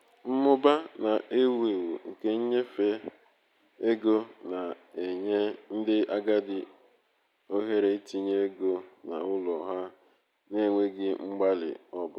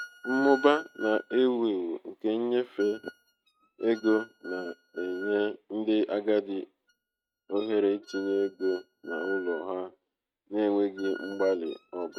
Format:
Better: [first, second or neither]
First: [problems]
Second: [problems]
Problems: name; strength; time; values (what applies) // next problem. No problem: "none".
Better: first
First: none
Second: noise reduction (neural mask model RNNoise)